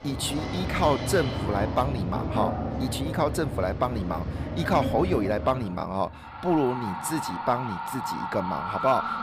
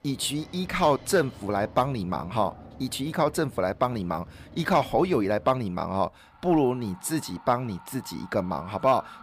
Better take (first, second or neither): second